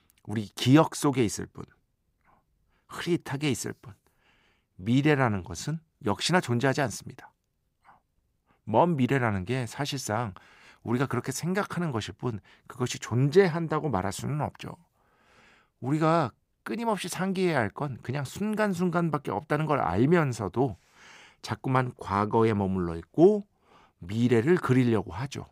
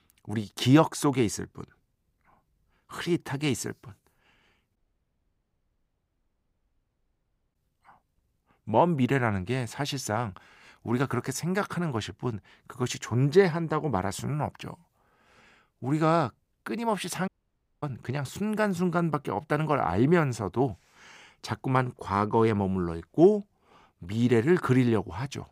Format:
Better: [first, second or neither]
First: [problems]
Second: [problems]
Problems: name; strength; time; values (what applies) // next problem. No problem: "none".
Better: first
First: none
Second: audio cutting out; at 5 s for 3 s and at 17 s for 0.5 s